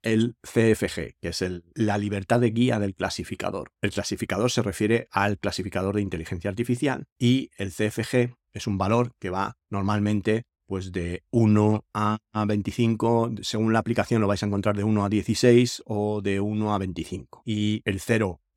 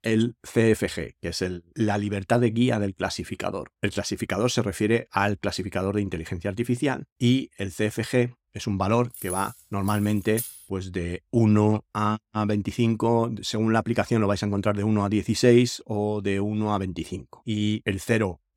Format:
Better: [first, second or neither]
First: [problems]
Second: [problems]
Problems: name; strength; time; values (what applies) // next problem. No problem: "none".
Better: first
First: none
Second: jangling keys; noticeable; from 9 to 11 s; peak 8 dB below the speech